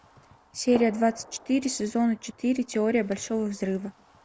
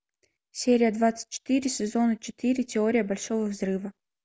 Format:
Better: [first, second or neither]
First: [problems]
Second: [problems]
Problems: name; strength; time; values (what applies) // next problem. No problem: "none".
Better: second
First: background sound (Gunshot, gunfire); 19 dB below the speech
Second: none